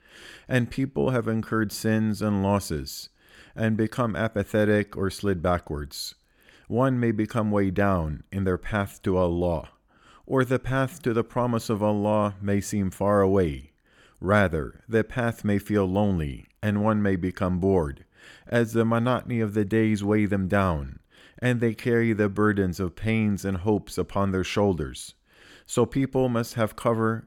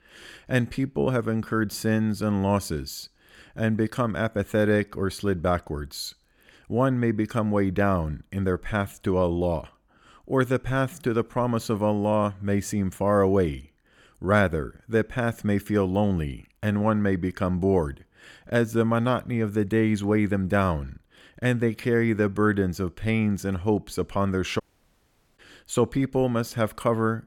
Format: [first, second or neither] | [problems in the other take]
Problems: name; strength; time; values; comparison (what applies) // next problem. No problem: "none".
first | audio cutting out; at 25 s for 1 s